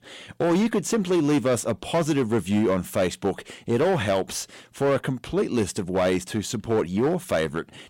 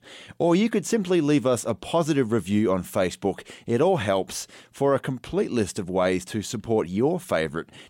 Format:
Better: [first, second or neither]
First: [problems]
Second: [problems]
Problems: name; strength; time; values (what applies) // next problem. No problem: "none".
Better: second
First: distortion; slight; 9% of the sound clipped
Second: none